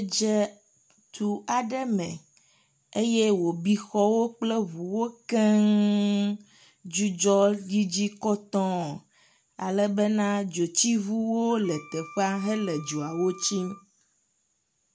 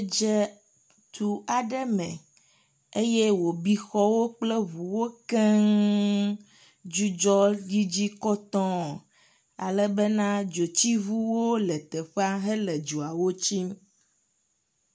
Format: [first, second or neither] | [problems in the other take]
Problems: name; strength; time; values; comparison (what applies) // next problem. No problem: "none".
second | background sound (Wind instrument, woodwind instrument); 20 dB below the speech